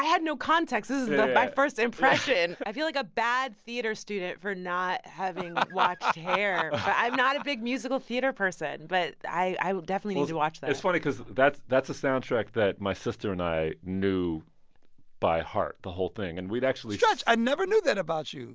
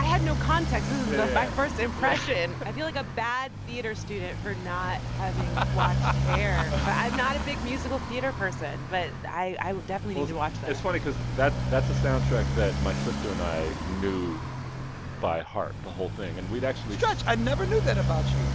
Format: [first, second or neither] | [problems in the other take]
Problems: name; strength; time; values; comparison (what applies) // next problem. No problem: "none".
first | background sound (Motorcycle); as loud as the speech